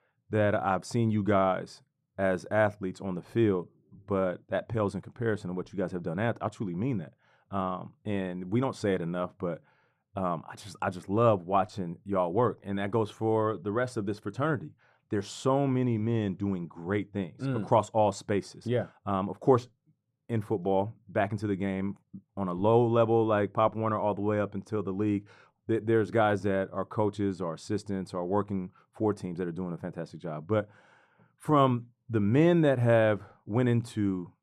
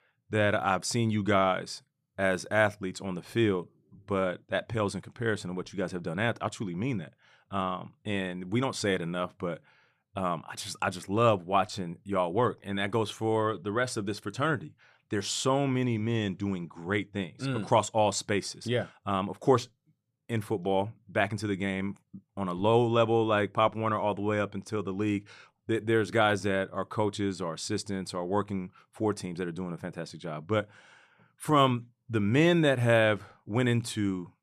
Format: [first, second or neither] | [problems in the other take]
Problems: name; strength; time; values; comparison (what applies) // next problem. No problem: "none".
second | muffled; slightly; fading above 1.5 kHz